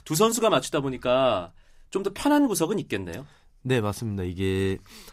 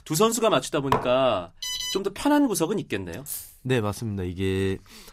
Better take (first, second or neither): first